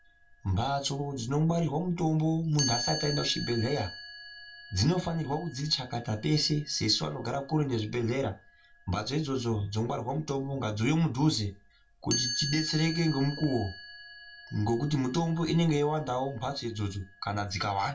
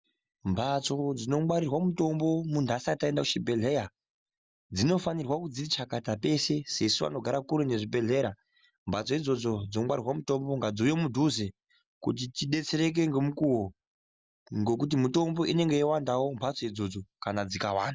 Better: second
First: background sound (Chime); 12 dB below the speech // room echo; dies away in 0.2 s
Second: none

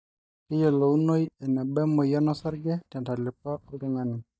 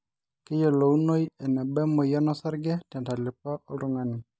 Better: second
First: noise reduction (neural mask model DeepFilterNet 3)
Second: none

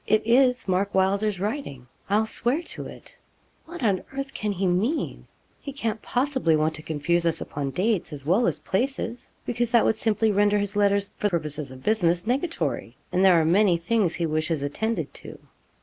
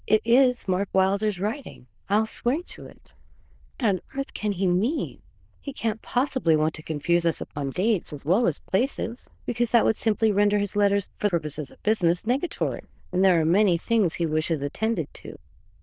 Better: first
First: none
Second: noise reduction (neural diffusion model UNIVERSE++)

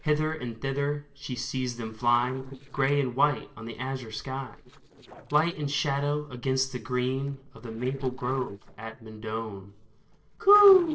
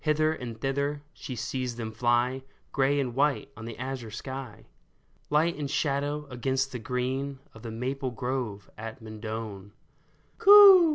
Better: second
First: noise reduction (neural separator model SepFormer DNS4)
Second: none

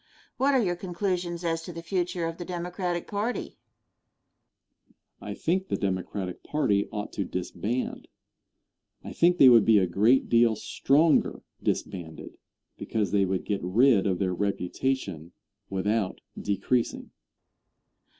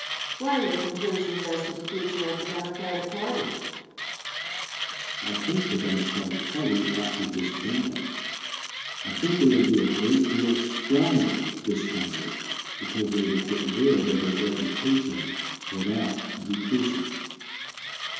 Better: first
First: none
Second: background sound (Mechanisms); 6 dB below the speech // room echo; dies away in 1.2 s

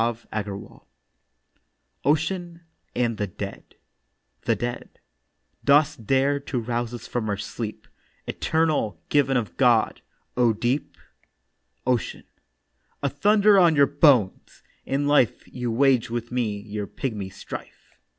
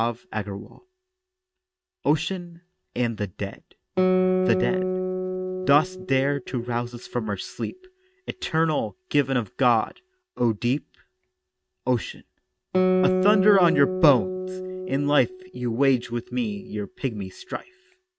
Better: first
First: none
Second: noise reduction (neural mask model RNNoise)

